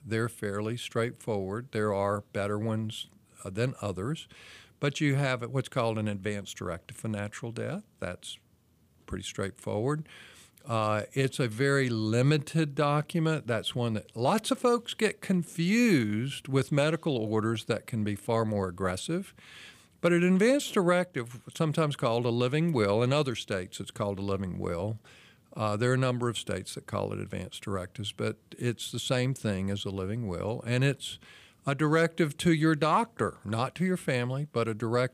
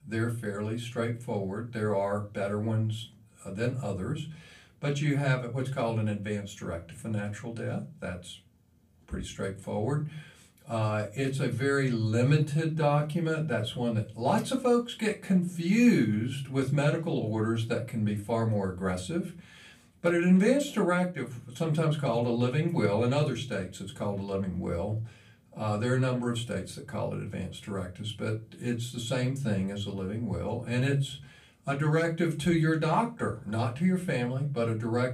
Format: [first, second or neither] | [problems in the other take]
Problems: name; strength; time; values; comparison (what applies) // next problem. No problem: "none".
first | off-mic speech; far // room echo; very slight; dies away in 0.3 s